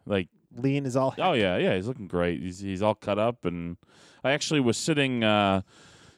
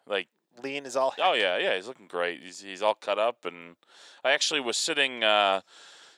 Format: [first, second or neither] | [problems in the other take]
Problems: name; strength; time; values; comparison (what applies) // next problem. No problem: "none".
first | thin; very; fading below 650 Hz